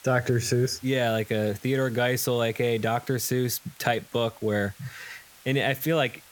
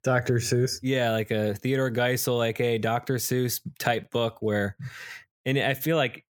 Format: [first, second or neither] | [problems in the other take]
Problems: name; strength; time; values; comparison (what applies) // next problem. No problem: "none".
second | hiss; faint; throughout; 25 dB below the speech